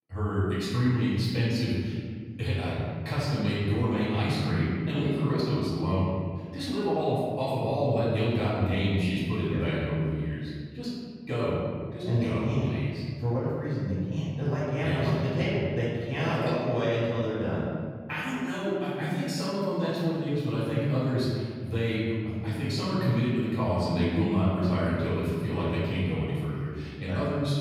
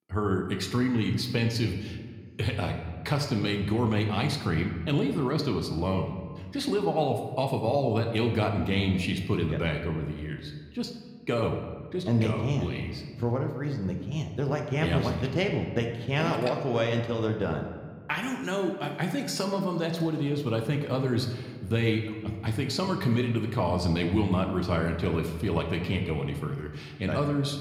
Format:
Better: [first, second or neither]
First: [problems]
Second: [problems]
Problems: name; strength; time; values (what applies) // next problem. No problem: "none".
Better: second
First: room echo; strong; dies away in 1.8 s // off-mic speech; far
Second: room echo; slight; dies away in 1.1 s